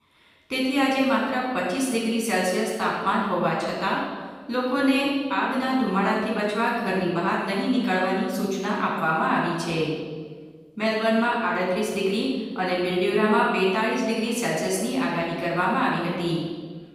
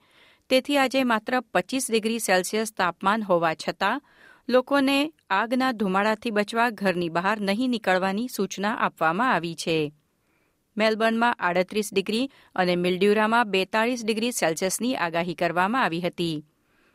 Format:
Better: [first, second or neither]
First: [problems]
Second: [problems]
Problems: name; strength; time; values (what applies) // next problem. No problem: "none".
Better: second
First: off-mic speech; far // room echo; noticeable; dies away in 1.3 s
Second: none